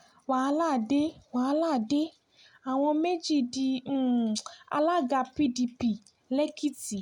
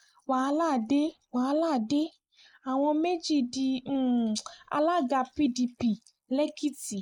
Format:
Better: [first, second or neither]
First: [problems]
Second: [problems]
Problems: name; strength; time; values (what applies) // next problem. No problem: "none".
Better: first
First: none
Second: noise reduction (neural mask model Resemble Enhance denoiser)